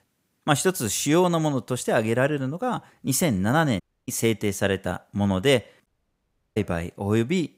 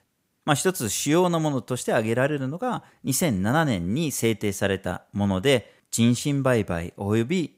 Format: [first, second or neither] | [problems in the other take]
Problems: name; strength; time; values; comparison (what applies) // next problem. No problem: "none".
second | audio cutting out; at 4 s and at 6 s for 0.5 s